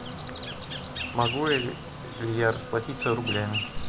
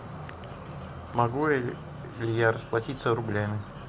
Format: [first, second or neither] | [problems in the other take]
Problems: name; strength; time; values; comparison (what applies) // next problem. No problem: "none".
second | background sound (Insect); 5 dB below the speech